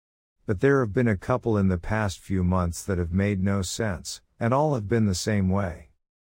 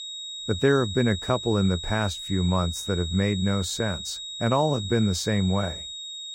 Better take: first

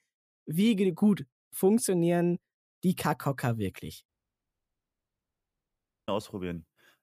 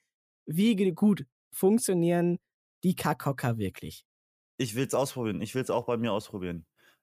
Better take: second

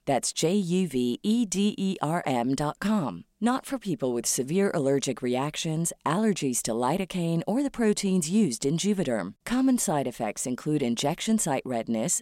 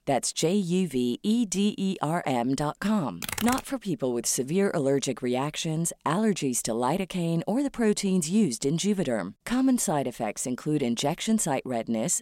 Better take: first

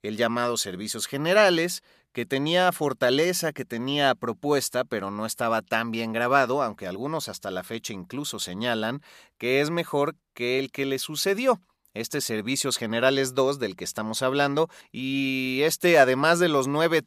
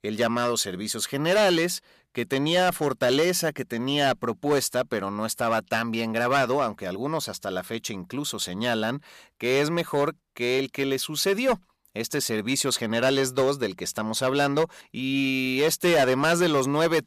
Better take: first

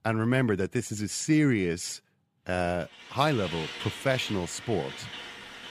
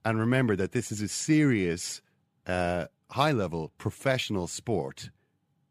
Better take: second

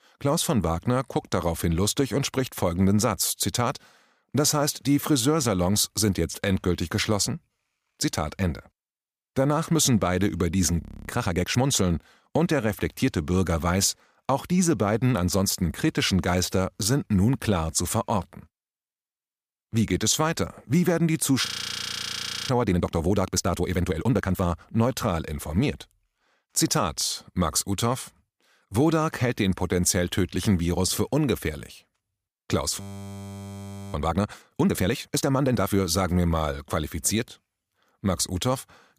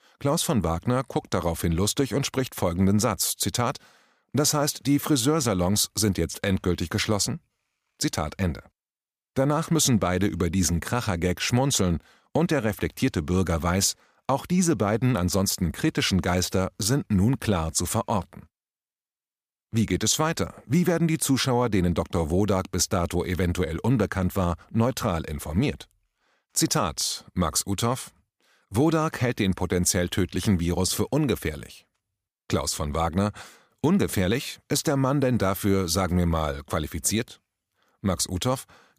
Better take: second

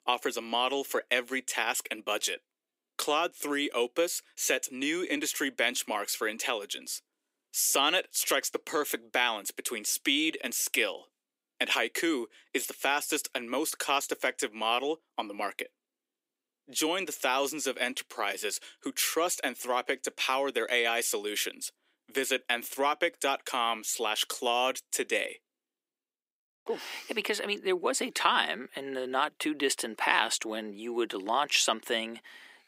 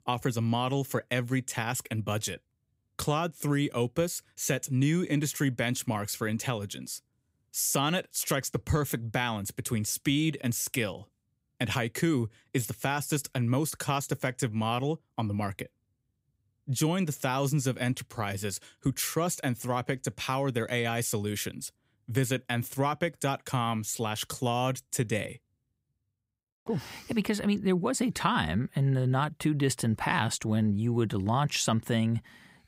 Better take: second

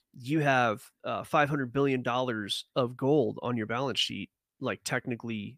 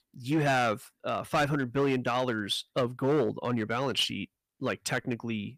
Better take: first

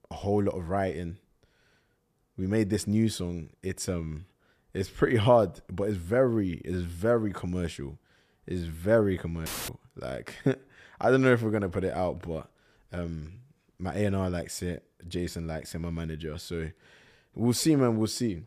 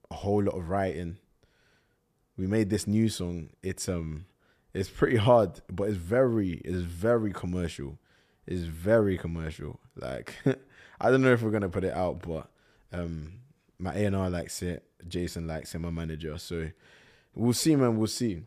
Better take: second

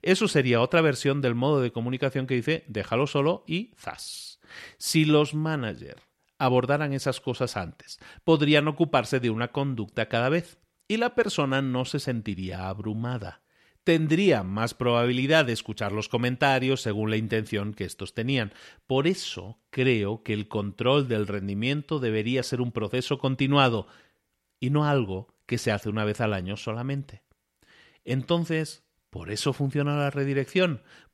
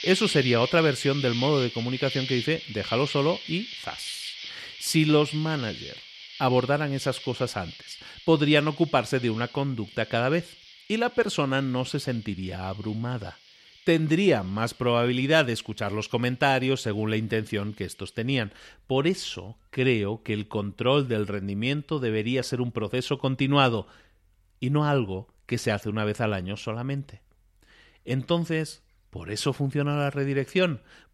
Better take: first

